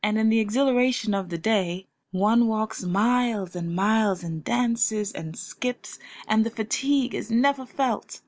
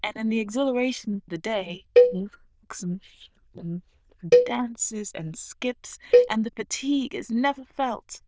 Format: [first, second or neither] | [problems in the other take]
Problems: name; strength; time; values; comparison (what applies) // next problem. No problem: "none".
first | noise reduction (neural diffusion model UNIVERSE++)